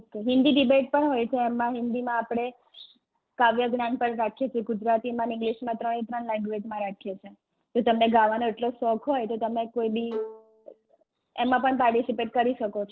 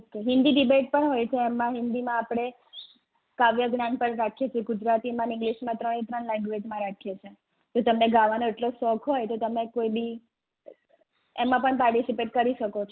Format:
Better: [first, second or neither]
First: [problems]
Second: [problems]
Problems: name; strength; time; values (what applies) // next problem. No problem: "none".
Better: second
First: noise reduction (neural separator model SepFormer DNS4)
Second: none